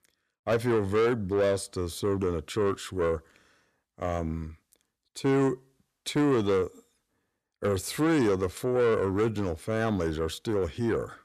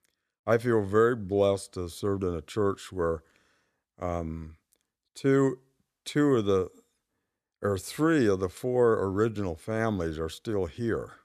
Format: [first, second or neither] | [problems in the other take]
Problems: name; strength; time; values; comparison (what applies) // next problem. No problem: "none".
second | distortion; slight; 10 dB below the speech